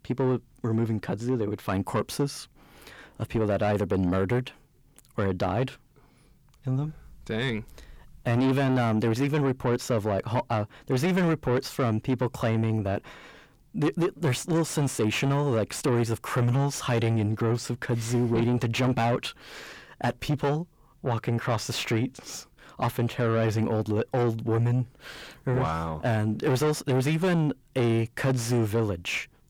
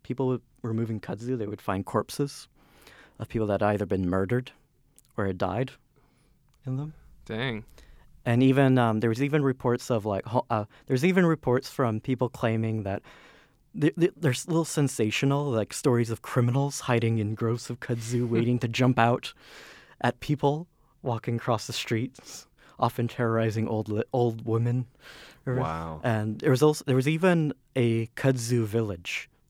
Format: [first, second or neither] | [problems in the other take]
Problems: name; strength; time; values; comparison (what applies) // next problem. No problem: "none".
second | distortion; heavy; 8 dB below the speech